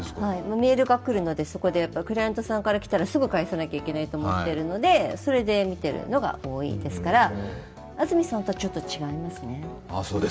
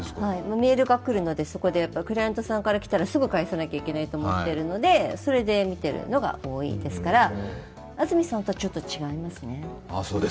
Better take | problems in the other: second | background sound (Wind instrument, woodwind instrument); 19 dB below the speech

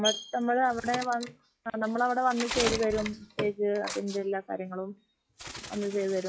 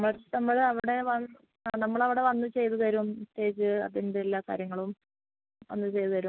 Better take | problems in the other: second | noise reduction (classical method log-MMSE)

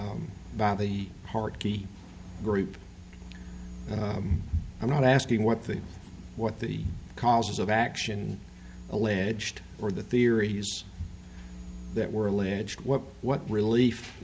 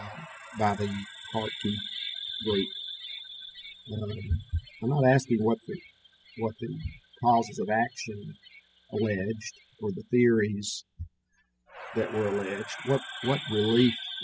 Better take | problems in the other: first | noise reduction (classical method spectral subtraction)

